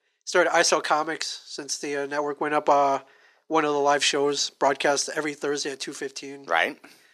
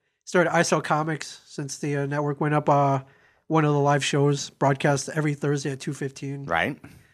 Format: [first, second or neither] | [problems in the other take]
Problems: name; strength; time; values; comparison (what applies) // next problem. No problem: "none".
second | thin; somewhat; fading below 350 Hz